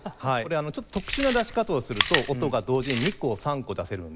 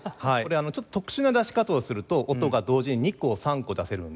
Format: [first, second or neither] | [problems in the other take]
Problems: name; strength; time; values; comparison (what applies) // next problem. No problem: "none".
second | background sound (Chewing, mastication); 6 dB below the speech